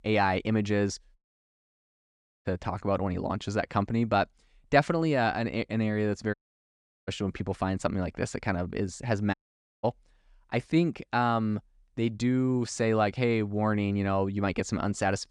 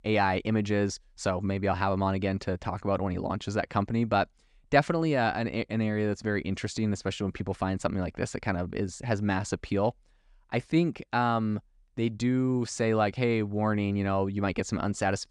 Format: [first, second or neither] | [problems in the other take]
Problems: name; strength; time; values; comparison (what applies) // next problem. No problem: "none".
second | audio cutting out; at 1 s for 1.5 s, at 6.5 s for 0.5 s and at 9.5 s